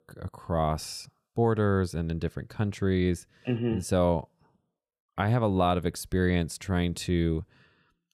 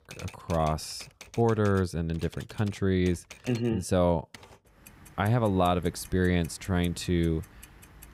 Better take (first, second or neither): first